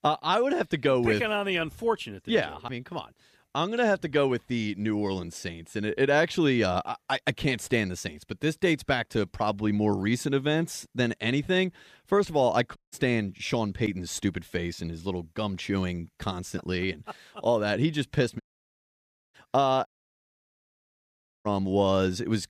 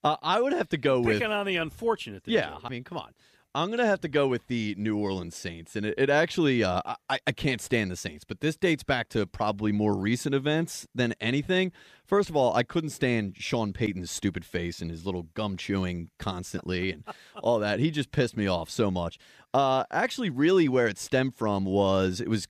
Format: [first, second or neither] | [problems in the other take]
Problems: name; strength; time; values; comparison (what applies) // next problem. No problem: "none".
second | audio cutting out; at 13 s, at 18 s for 1 s and at 20 s for 1.5 s